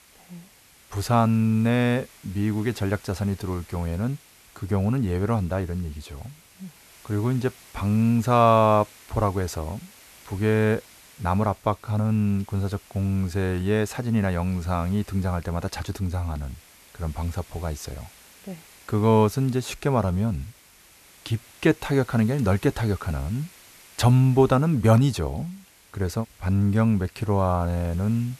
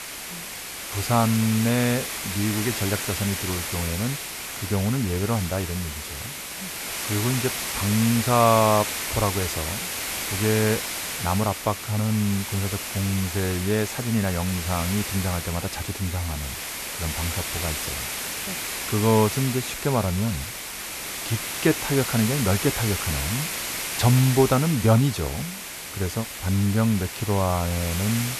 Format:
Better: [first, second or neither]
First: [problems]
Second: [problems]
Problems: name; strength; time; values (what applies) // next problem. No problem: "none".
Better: first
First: hiss; faint; throughout; 25 dB below the speech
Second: hiss; loud; throughout; 4 dB below the speech